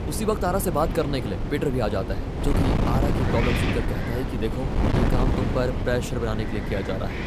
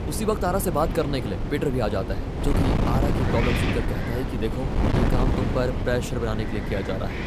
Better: neither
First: wind noise on the microphone; heavy; 2 dB below the speech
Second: wind noise on the microphone; heavy; 2 dB below the speech

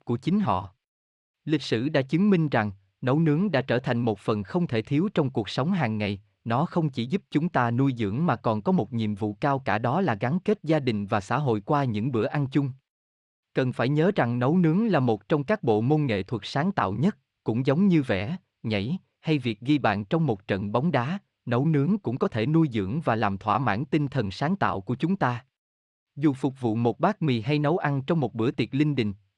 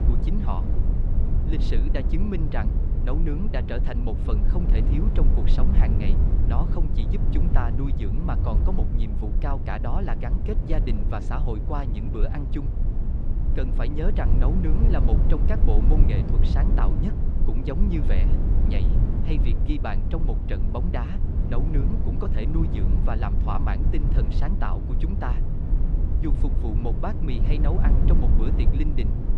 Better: first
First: none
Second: low rumble; loud; throughout; 4 dB below the speech

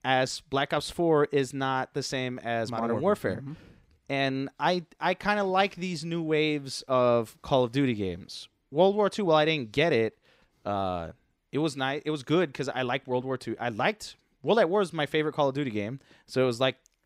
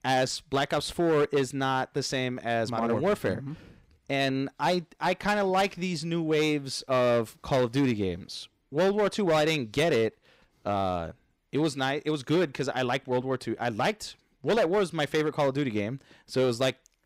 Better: first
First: none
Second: distortion; slight; 7% of the sound clipped

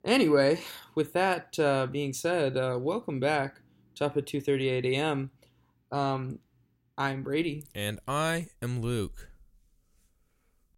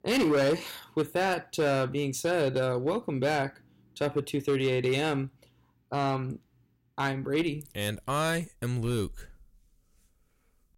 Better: first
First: none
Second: distortion; slight; 6% of the sound clipped

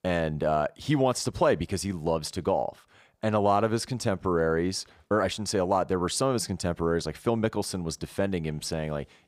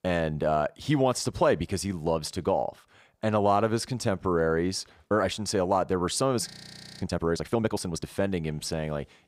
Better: first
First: none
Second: audio freezing; at 6.5 s for 0.5 s

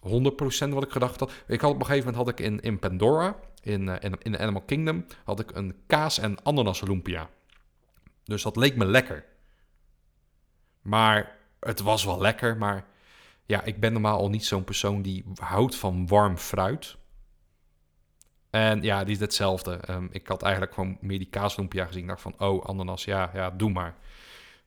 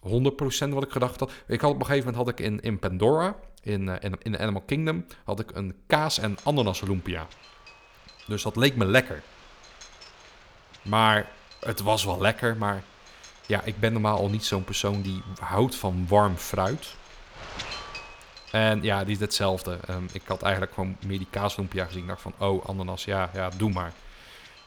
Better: first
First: none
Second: wind noise on the microphone; occasional gusts; from 6 s on; 20 dB below the speech

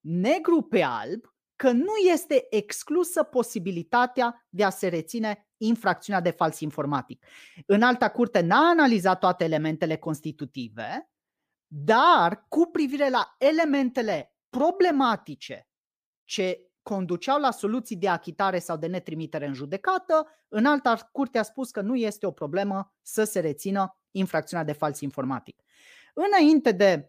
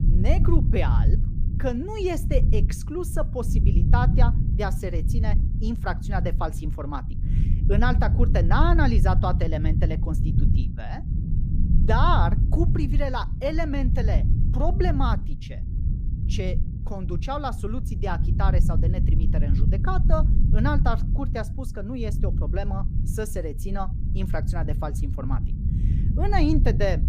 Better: first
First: none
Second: low rumble; loud; throughout; 9 dB below the speech

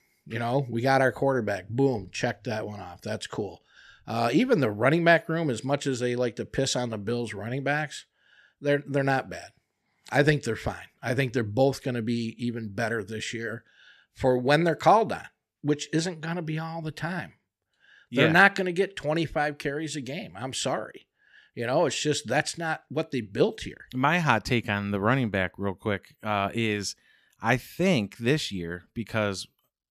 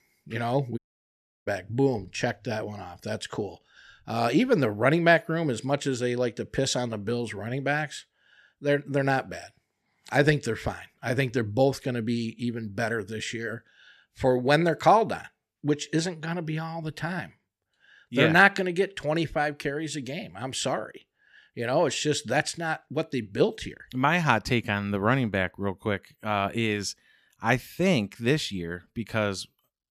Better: first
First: none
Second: audio cutting out; at 1 s for 0.5 s

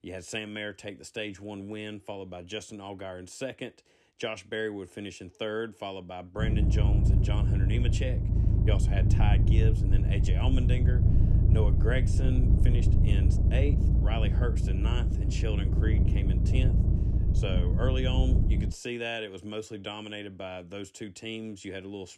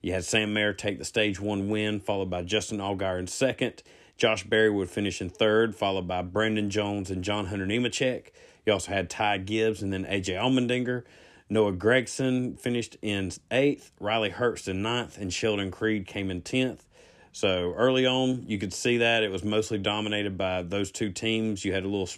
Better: second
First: low rumble; loud; from 6.5 to 19 s; 3 dB below the speech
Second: none

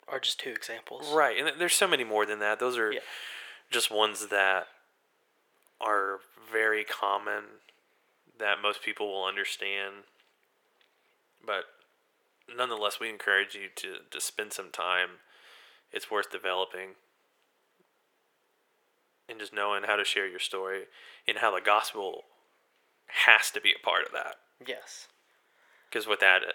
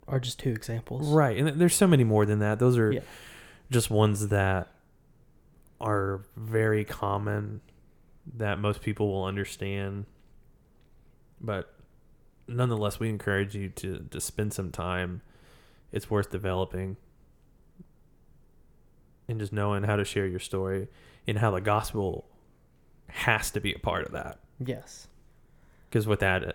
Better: second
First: thin; very; fading below 450 Hz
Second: none

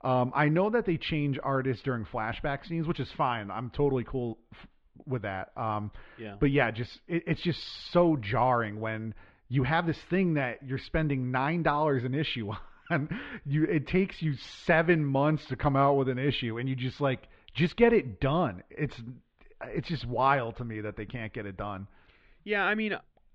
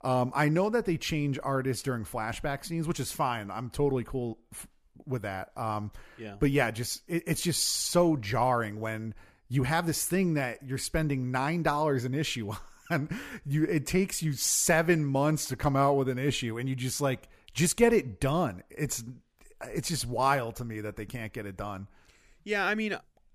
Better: second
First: muffled; very; fading above 3.5 kHz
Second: none

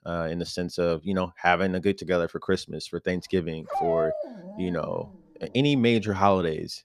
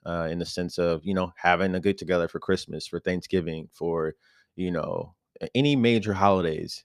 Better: second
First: dog barking; noticeable; from 3.5 to 5 s; peak level with the speech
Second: none

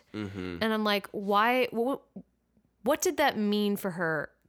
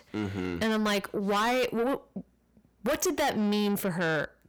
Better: first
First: none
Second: distortion; heavy; 7 dB below the speech

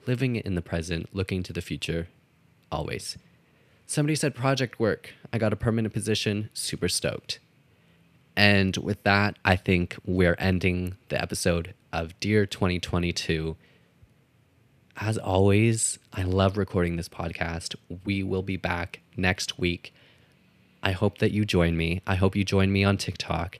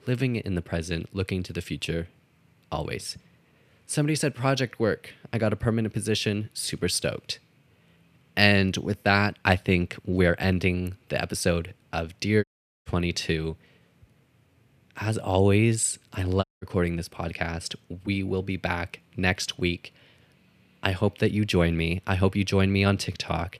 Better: first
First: none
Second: audio cutting out; at 12 s and at 16 s

